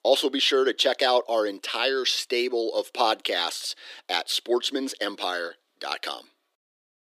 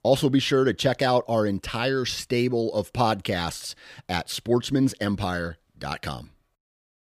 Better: second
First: thin; somewhat; fading below 300 Hz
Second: none

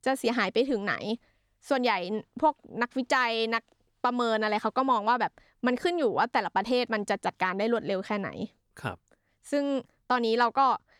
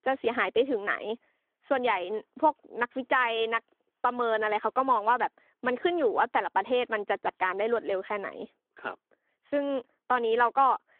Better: first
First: none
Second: phone-call audio; nothing above 3.5 kHz

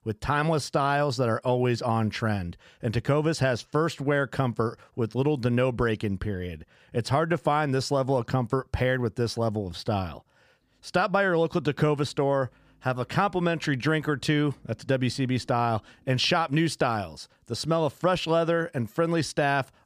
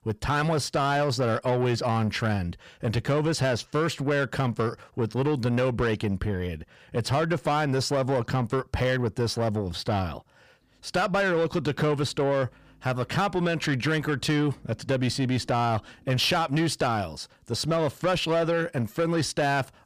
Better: first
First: none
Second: distortion; slight; 10 dB below the speech

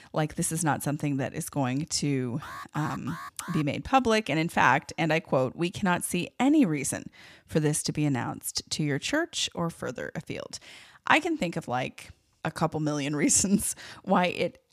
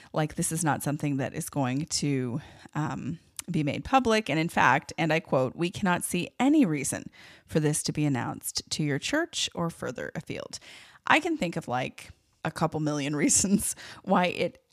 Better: second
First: alarm; faint; from 2.5 to 3.5 s; peak 15 dB below the speech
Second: none

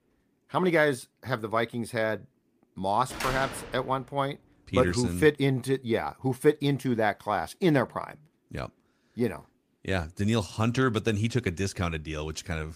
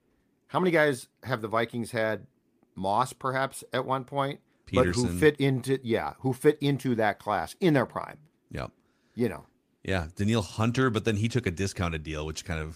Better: second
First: door banging; noticeable; at 3 s; peak 5 dB below the speech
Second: none

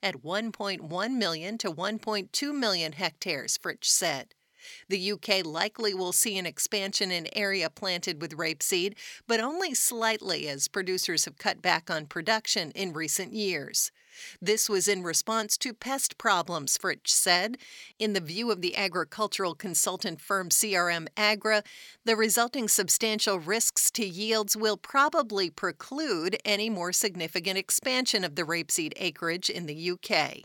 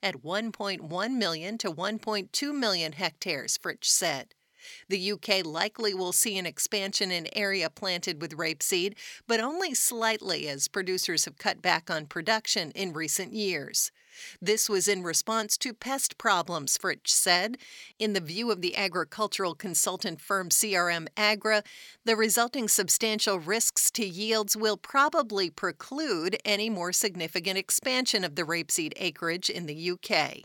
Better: neither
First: thin; very slightly; fading below 1 kHz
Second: thin; very slightly; fading below 1 kHz

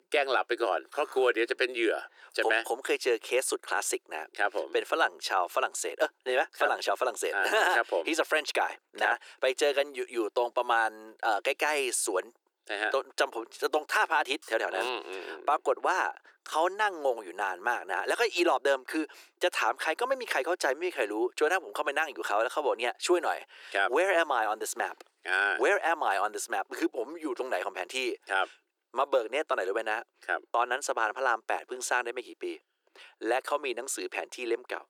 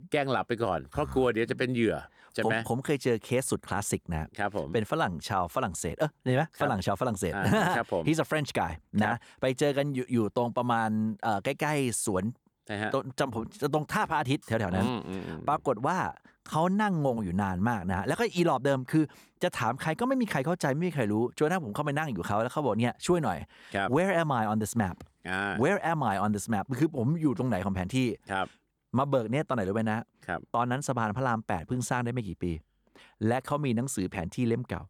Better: second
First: thin; very; fading below 350 Hz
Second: none

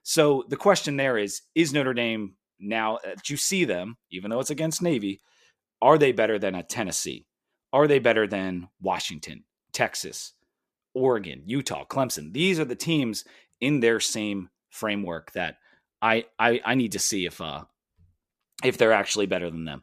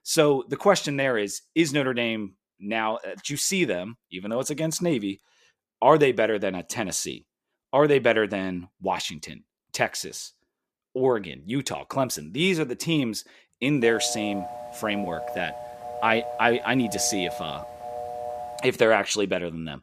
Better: first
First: none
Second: phone ringing; noticeable; from 14 to 19 s; peak 9 dB below the speech

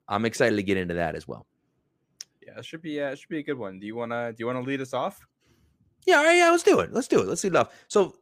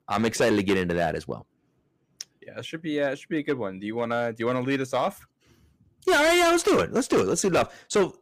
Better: first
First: none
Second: distortion; heavy; 8% of the sound clipped

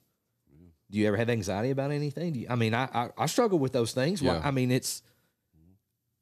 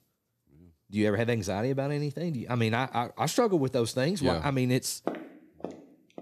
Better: first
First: none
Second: footsteps; noticeable; from 5 s on; peak 9 dB below the speech

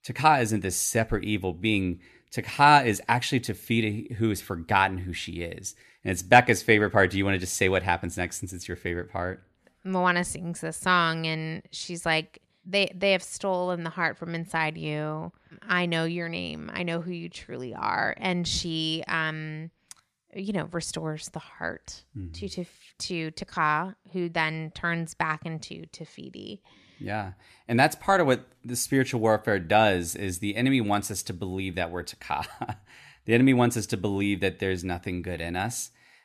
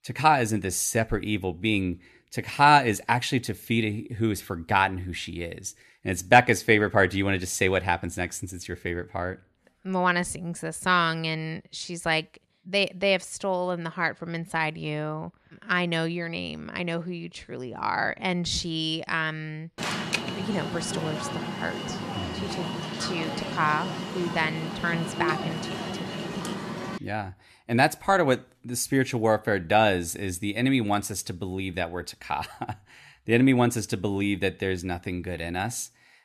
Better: first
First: none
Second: alarm; noticeable; from 20 to 27 s; peak 1 dB below the speech

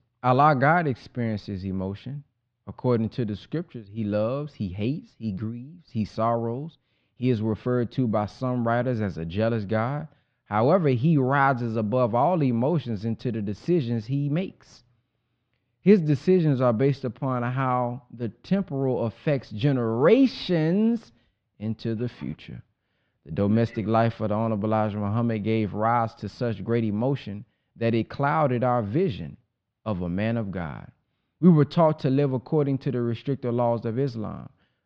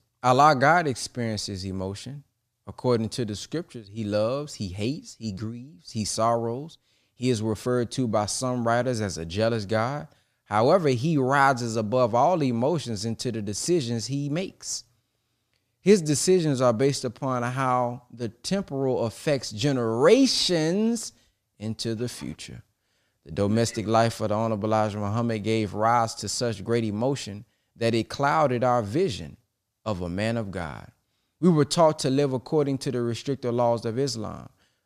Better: second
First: muffled; slightly; fading above 3.5 kHz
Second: none

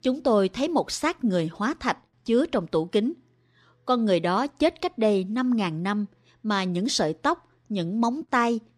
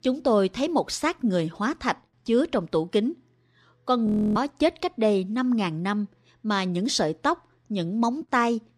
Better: first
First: none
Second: audio freezing; at 4 s

